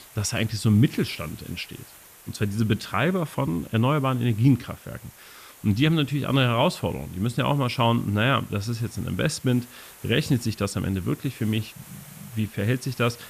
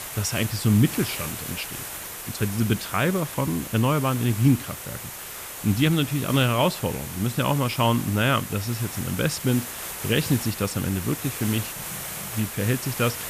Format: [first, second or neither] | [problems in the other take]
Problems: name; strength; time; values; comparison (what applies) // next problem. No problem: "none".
first | hiss; loud; throughout; 8 dB below the speech; faint in the first